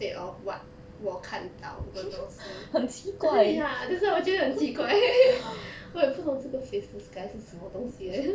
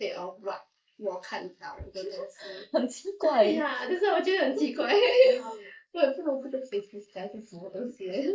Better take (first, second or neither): first